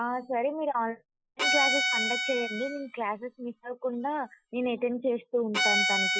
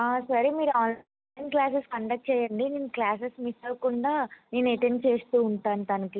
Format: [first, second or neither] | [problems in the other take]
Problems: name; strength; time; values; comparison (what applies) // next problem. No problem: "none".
second | noise reduction (classical method Wiener filter)